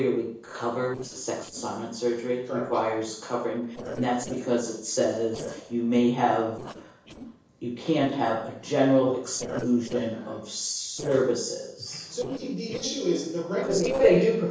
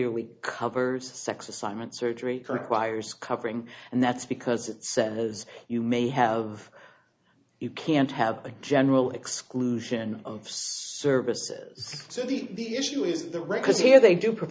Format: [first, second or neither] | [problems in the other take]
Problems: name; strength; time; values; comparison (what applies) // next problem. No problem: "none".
second | noise reduction (neural separator model SepFormer DNS4)